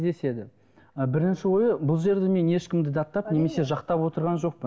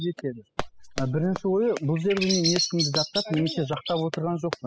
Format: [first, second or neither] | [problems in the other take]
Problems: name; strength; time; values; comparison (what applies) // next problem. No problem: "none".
first | noise reduction (classical method spectral subtraction)